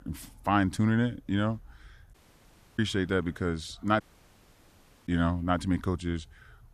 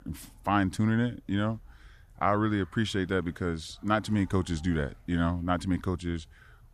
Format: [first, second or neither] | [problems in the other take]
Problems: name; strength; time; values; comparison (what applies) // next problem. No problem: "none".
second | audio cutting out; at 2 s for 0.5 s and at 4 s for 1 s